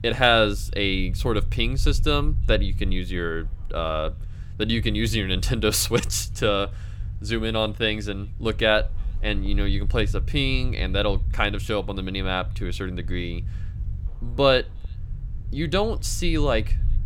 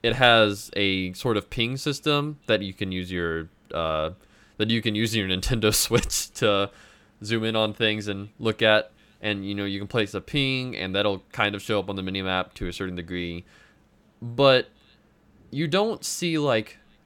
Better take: second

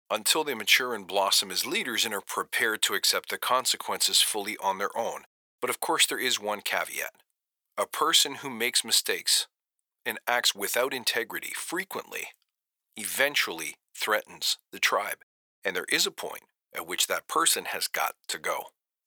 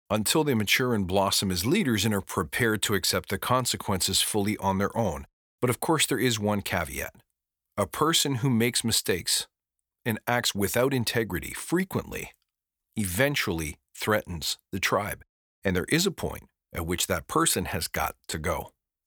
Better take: second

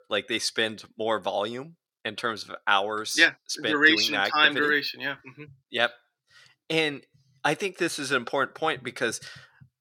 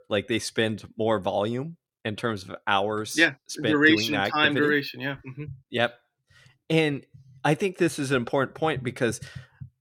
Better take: second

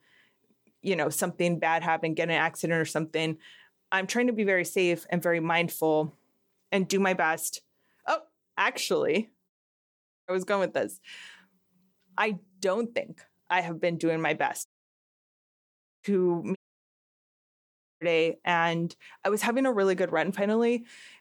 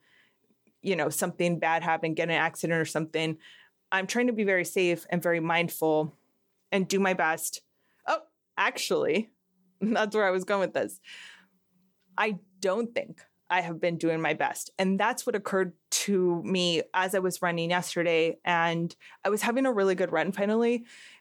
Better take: second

